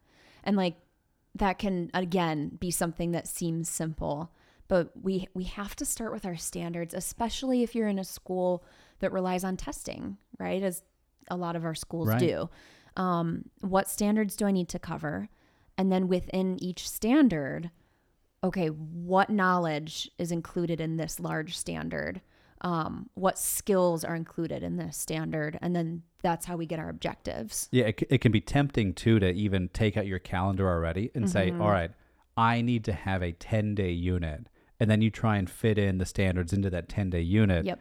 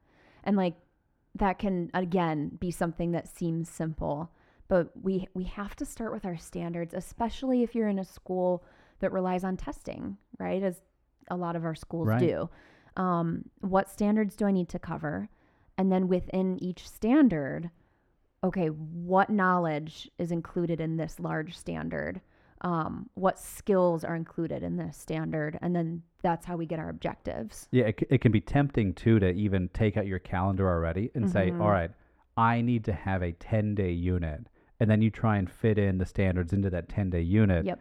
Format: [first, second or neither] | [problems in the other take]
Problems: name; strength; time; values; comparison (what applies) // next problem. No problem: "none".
first | muffled; slightly; fading above 3 kHz